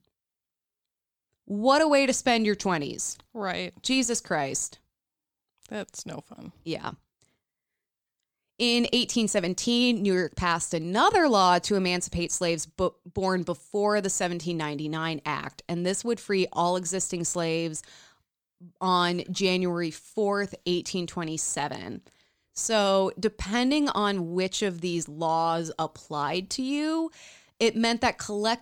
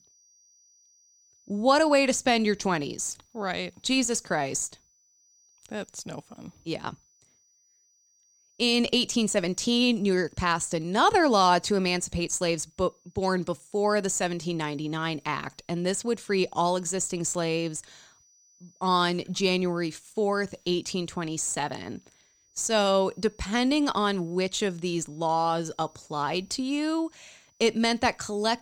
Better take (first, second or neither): first